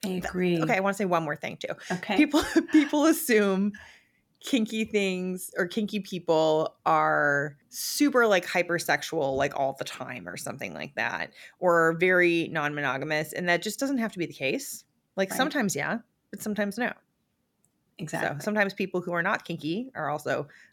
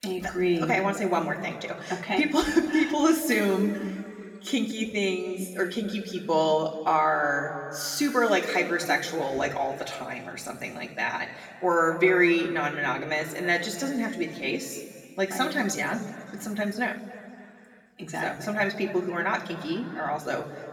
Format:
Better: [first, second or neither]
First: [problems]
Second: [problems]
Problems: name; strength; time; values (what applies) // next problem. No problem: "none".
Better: first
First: none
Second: room echo; slight; dies away in 2 s // off-mic speech; far